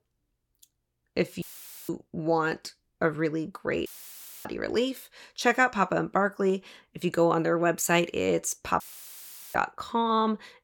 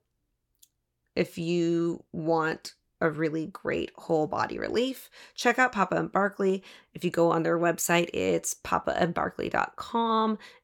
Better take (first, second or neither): second